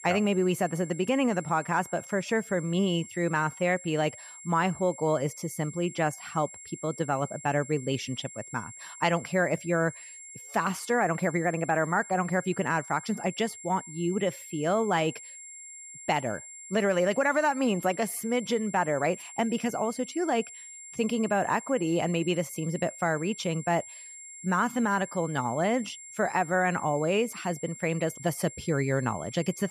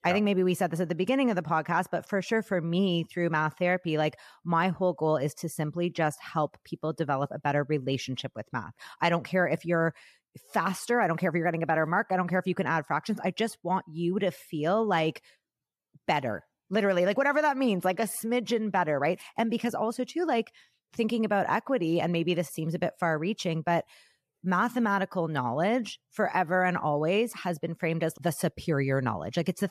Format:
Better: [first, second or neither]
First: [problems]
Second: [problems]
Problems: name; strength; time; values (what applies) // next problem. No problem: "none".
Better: second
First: high-pitched whine; noticeable; throughout; 7.5 kHz, 15 dB below the speech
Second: none